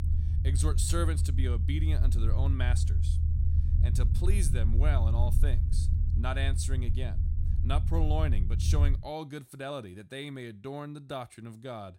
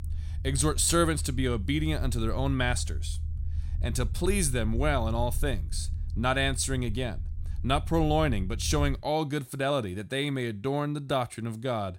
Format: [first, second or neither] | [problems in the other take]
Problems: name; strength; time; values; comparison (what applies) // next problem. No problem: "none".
second | low rumble; loud; until 9 s; 7 dB below the speech; faint in the second